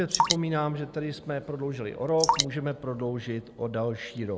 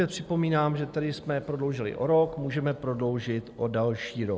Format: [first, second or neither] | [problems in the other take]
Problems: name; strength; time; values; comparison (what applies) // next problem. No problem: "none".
second | background sound (Drip); 2 dB below the speech